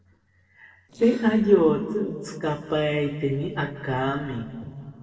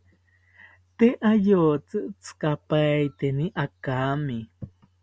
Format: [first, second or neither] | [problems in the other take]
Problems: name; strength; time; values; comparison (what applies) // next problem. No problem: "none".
second | noise reduction (neural separator model SepFormer DNS4)